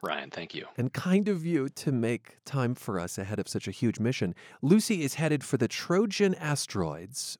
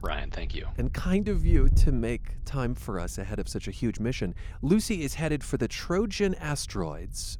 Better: first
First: none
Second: wind noise on the microphone; occasional gusts; 20 dB below the speech

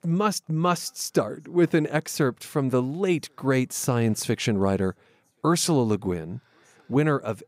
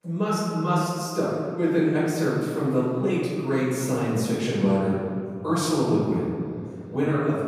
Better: first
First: none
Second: room echo; strong; dies away in 2.1 s // off-mic speech; far

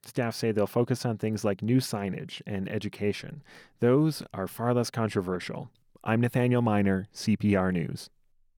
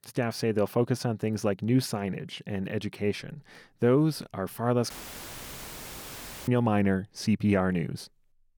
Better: first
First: none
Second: audio cutting out; filled with static; at 5 s for 1.5 s

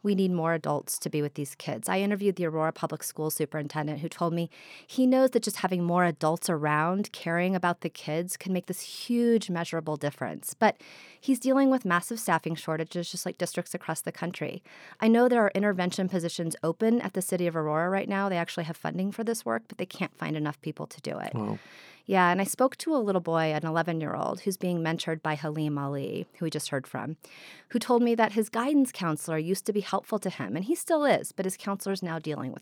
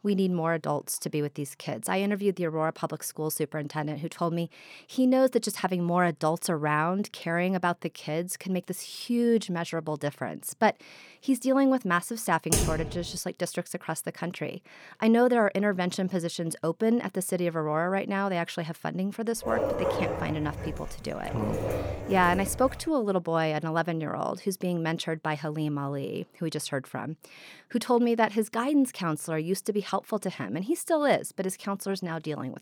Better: first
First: none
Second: keyboard typing; loud; at 13 s; peak 2 dB above the speech // dog barking; loud; from 19 to 23 s; peak 1 dB above the speech

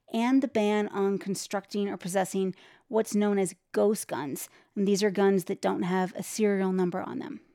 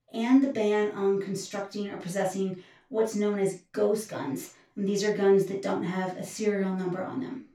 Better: first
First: none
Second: room echo; noticeable; dies away in 0.3 s // off-mic speech; far

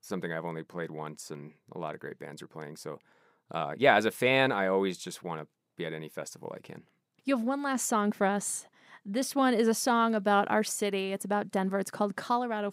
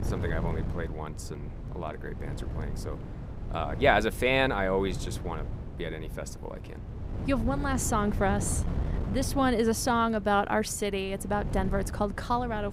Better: first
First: none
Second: wind noise on the microphone; occasional gusts; 15 dB below the speech

